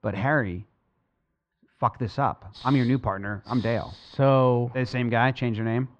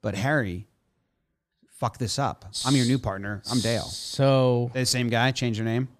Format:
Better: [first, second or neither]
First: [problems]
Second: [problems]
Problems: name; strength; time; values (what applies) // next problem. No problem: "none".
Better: second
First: muffled; very; fading above 2.5 kHz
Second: none